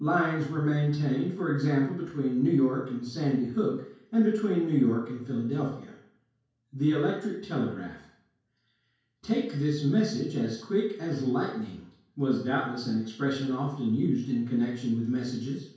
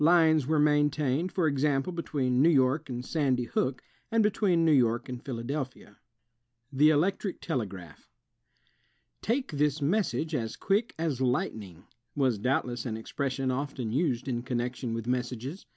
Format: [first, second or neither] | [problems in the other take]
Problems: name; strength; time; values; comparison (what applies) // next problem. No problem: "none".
second | room echo; dies away in 0.5 s